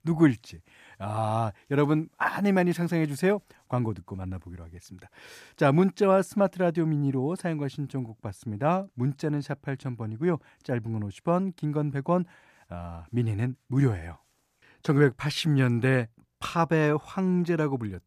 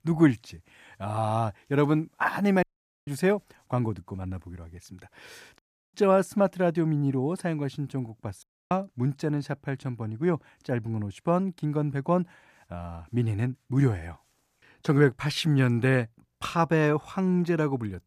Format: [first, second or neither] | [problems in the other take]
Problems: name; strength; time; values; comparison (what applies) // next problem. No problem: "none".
first | audio cutting out; at 2.5 s, at 5.5 s and at 8.5 s